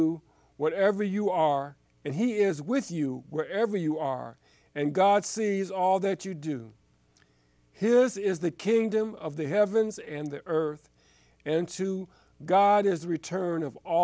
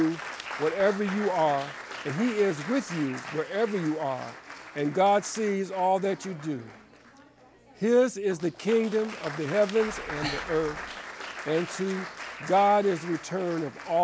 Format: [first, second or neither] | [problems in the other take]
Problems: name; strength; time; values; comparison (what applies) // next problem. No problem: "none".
first | background sound (Breathing + Applause); 12 dB below the speech